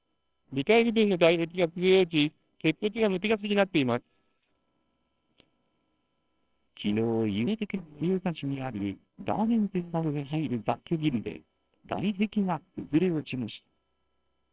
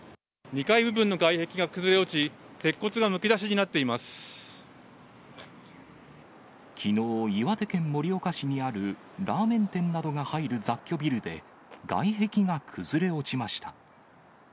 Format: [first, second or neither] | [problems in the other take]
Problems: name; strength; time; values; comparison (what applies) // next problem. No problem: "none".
second | noise reduction (neural separator model SepFormer WHAMR!)